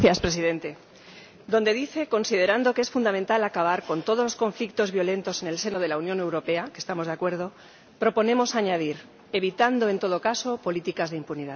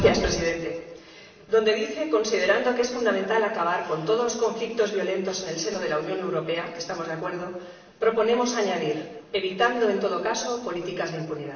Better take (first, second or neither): first